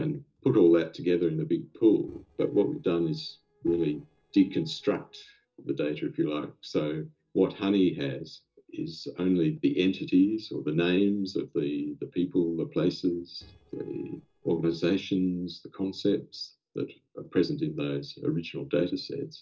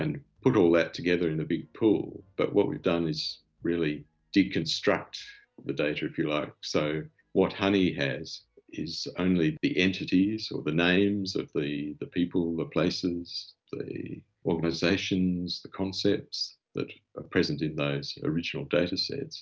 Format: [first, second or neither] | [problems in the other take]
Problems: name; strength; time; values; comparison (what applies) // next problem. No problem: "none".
second | noise reduction (neural separator model SepFormer DNS4)